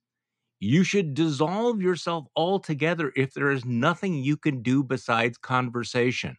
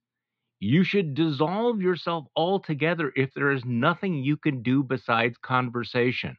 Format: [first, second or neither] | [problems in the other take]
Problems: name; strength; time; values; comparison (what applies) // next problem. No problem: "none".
first | muffled; very slightly; fading above 4 kHz